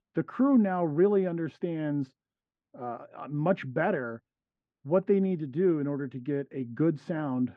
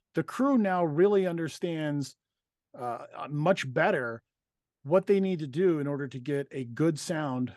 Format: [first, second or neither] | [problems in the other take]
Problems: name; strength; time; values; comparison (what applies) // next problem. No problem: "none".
second | muffled; very; fading above 2 kHz